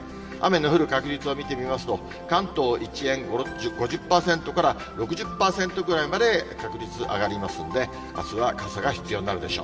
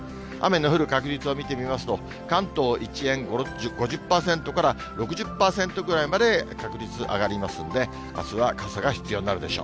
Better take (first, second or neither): second